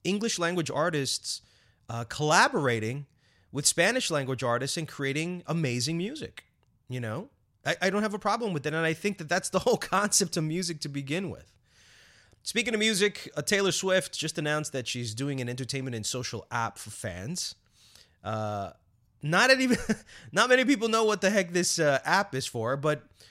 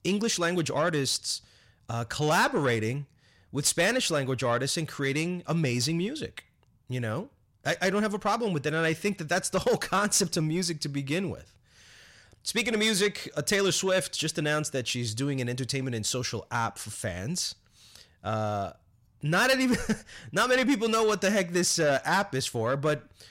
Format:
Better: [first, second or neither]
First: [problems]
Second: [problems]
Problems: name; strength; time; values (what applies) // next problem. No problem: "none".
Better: first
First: none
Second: distortion; slight; 10 dB below the speech